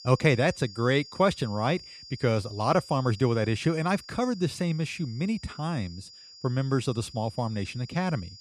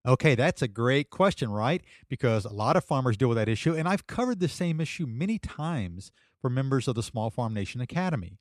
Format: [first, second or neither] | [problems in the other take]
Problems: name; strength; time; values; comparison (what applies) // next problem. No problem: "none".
second | high-pitched whine; noticeable; throughout; 5 kHz, 15 dB below the speech